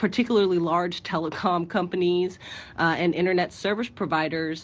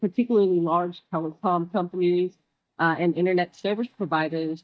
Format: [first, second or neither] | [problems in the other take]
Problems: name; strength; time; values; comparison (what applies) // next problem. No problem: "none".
first | noise reduction (neural mask model DeepFilterNet 3)